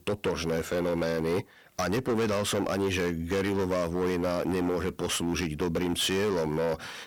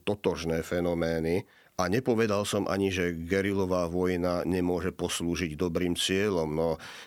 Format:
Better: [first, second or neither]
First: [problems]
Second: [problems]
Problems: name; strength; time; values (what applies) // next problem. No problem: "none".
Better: second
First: distortion; heavy; 17% of the sound clipped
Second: none